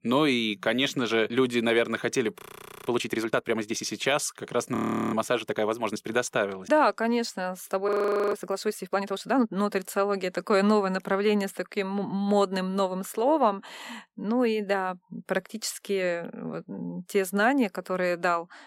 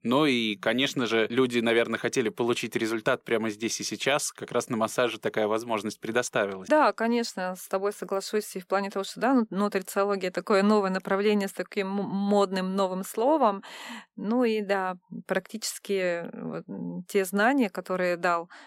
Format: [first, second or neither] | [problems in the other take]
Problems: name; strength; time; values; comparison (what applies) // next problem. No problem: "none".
second | audio freezing; at 2.5 s, at 5 s and at 8 s